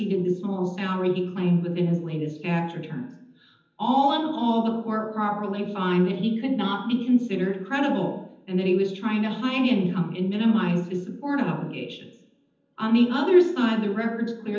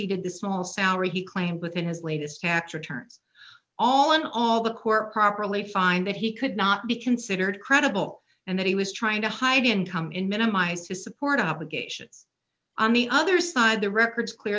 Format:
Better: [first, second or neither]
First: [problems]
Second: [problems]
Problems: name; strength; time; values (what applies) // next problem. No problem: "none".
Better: second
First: room echo; dies away in 0.8 s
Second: none